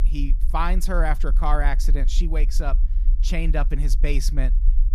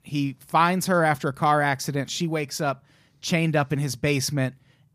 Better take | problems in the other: second | low rumble; noticeable; throughout; 20 dB below the speech

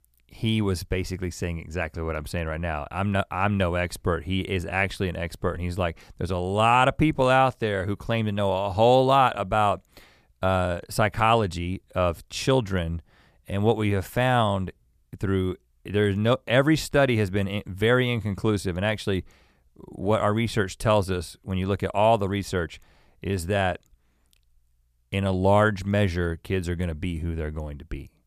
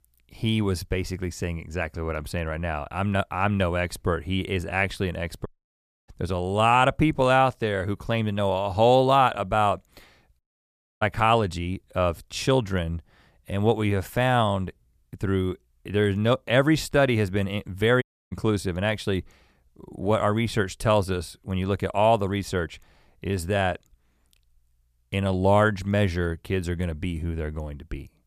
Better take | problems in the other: first | audio cutting out; at 5.5 s for 0.5 s, at 10 s for 0.5 s and at 18 s

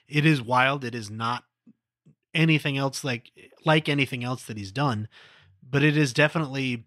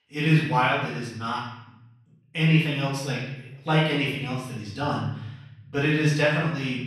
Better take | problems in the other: first | room echo; noticeable; dies away in 0.8 s // off-mic speech; far

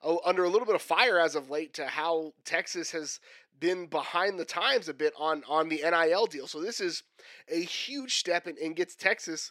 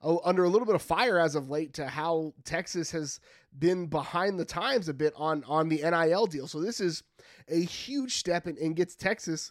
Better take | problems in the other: second | thin; somewhat; fading below 400 Hz

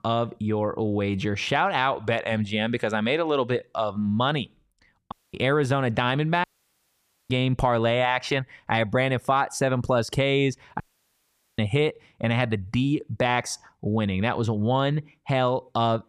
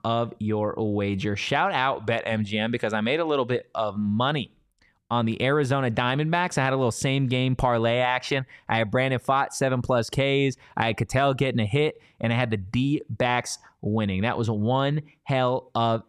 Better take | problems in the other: second | audio cutting out; at 5 s, at 6.5 s for 1 s and at 11 s for 1 s

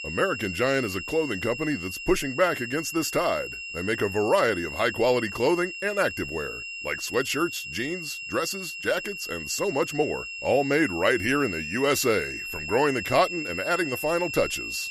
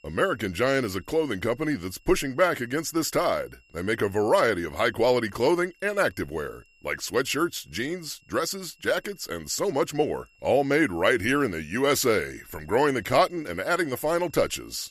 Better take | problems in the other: second | high-pitched whine; loud; throughout; 2.5 kHz, 7 dB below the speech; faint in the second

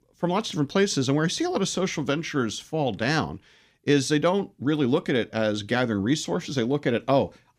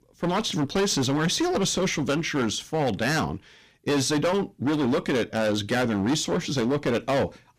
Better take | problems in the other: first | distortion; heavy; 17% of the sound clipped

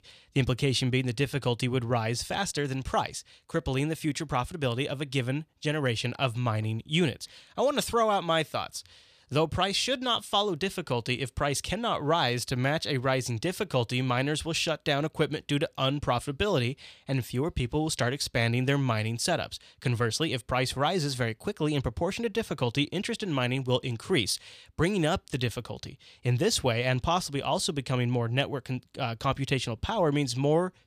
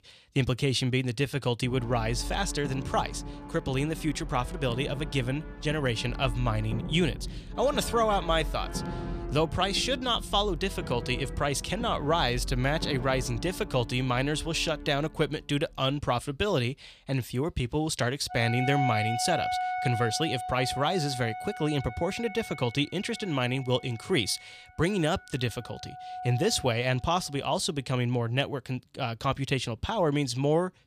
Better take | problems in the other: first | background music; loud; throughout; 9 dB below the speech

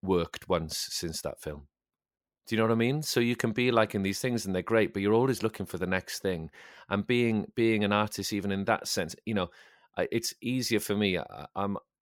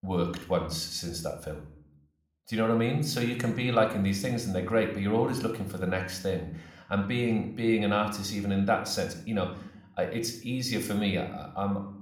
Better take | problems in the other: first | room echo; slight; dies away in 0.6 s

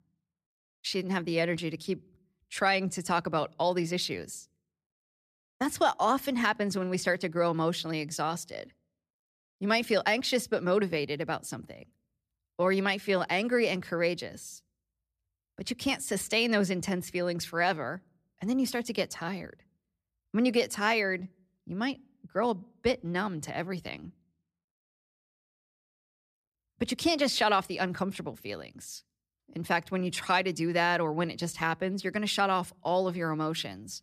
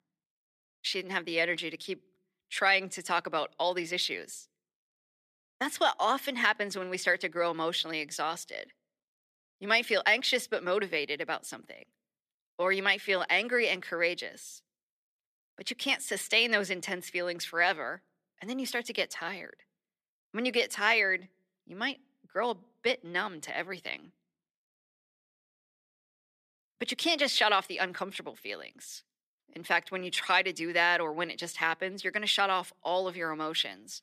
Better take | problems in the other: first | thin; somewhat; fading below 350 Hz

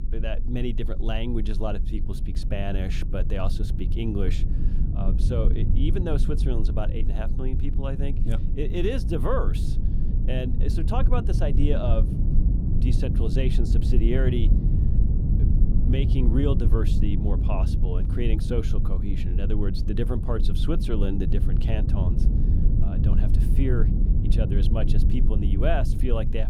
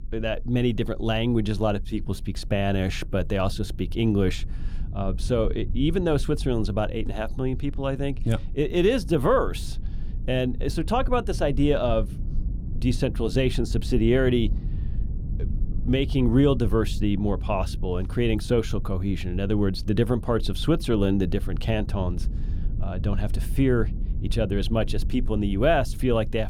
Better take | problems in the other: second | low rumble; loud; throughout; 6 dB below the speech; faint in the second

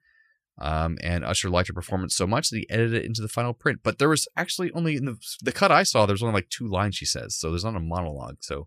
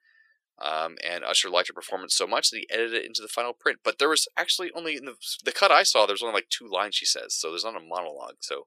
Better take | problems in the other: first | thin; very; fading below 400 Hz

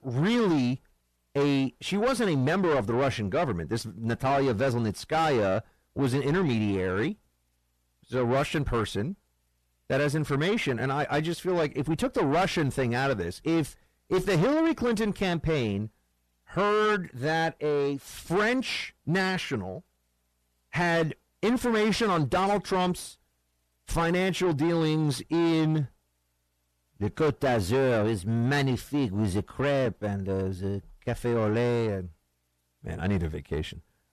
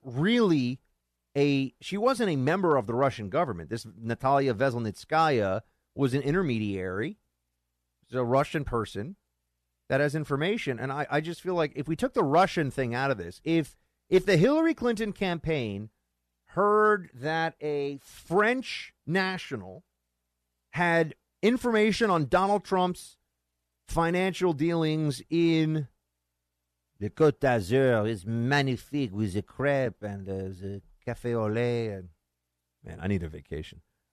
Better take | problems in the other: second | distortion; heavy; 7 dB below the speech

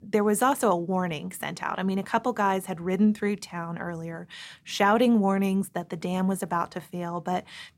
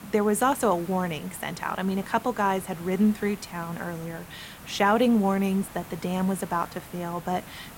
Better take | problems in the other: first | hiss; noticeable; throughout; 15 dB below the speech

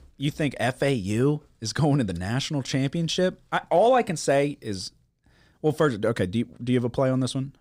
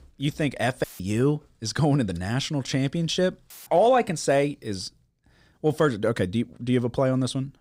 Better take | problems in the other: first | audio cutting out; filled with static; at 1 s and at 3.5 s

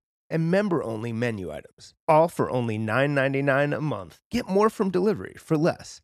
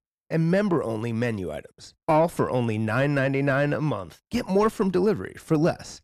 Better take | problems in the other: first | distortion; slight; 10 dB below the speech

